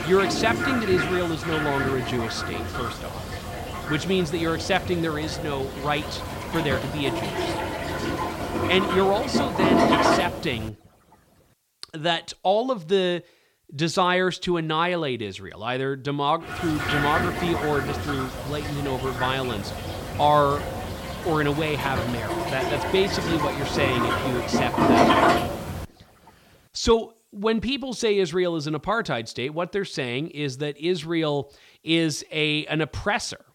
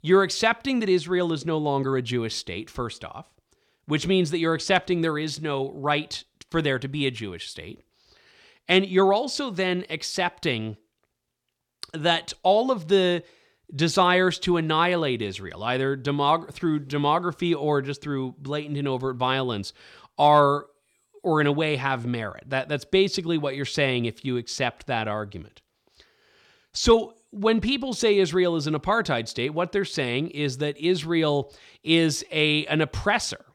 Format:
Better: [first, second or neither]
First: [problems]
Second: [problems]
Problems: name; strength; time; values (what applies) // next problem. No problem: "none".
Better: second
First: household noises; loud; throughout; 1 dB below the speech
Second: none